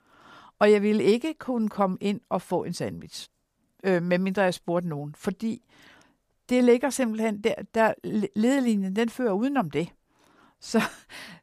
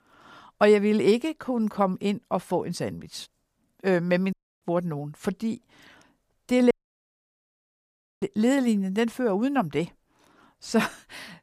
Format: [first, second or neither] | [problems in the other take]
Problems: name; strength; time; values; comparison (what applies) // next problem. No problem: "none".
first | audio cutting out; at 4.5 s and at 6.5 s for 1.5 s